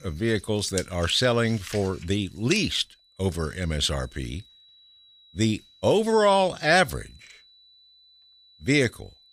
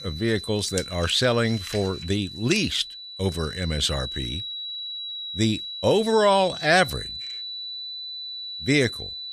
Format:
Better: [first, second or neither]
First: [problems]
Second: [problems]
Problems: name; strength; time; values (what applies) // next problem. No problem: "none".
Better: first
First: high-pitched whine; faint; throughout; 4 kHz, 30 dB below the speech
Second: high-pitched whine; loud; throughout; 4 kHz, 9 dB below the speech